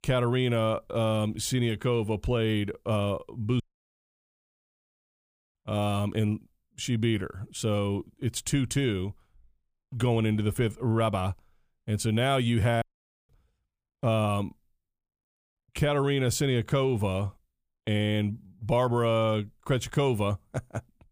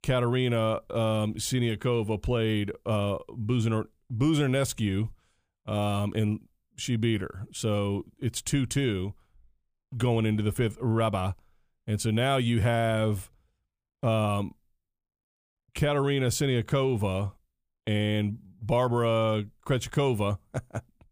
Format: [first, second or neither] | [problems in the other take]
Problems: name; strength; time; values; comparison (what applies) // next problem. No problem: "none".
second | audio cutting out; at 3.5 s for 2 s and at 13 s